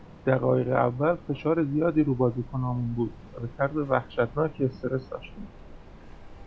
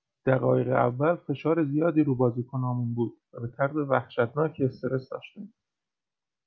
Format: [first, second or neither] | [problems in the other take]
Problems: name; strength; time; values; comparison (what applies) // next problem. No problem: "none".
second | background sound (Train); 18 dB below the speech